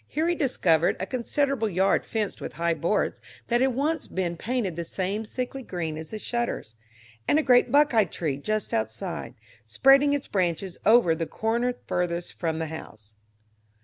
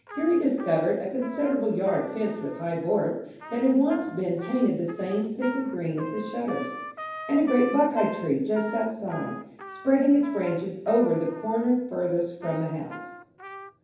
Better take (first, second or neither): first